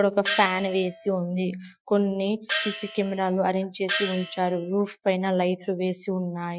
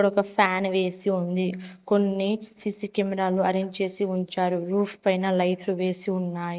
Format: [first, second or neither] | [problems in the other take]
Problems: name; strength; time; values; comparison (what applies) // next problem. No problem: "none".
second | noise reduction (classical method Wiener filter)